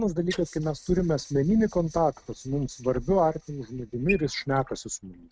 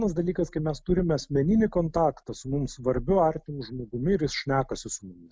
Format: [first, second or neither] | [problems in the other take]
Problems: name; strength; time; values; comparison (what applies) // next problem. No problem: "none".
second | noise reduction (neural mask model RNNoise)